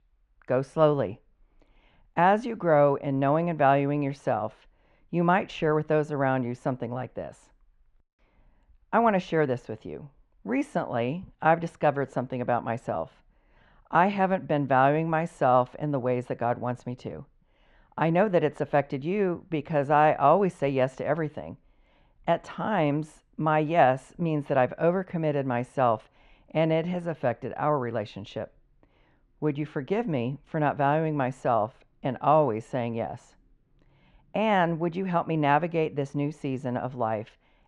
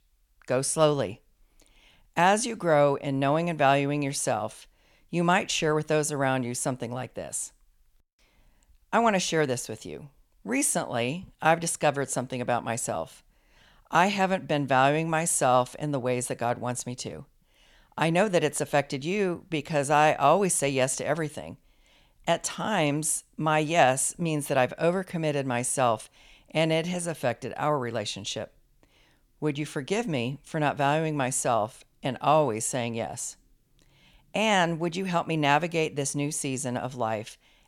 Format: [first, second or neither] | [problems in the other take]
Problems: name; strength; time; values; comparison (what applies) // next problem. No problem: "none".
second | muffled; very; fading above 1.5 kHz